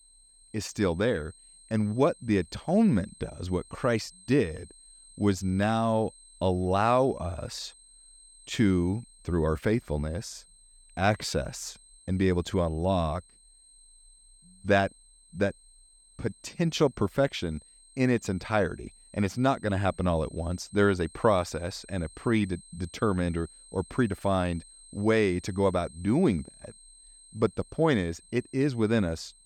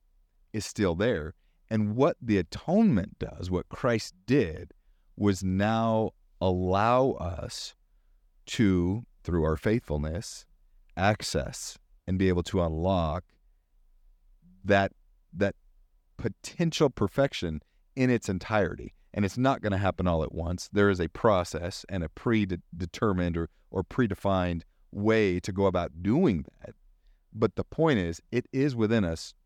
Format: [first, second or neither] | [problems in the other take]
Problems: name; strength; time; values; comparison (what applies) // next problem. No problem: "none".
second | high-pitched whine; faint; throughout; 8.5 kHz, 25 dB below the speech